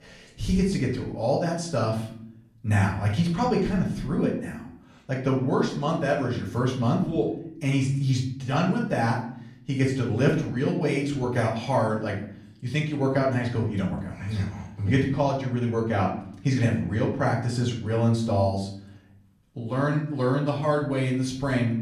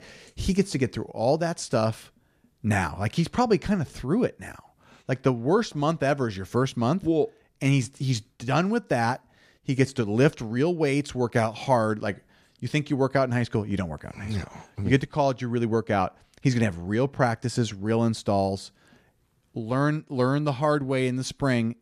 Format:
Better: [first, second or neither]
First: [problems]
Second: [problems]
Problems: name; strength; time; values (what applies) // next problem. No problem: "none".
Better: second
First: room echo; slight; dies away in 0.6 s // off-mic speech; far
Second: none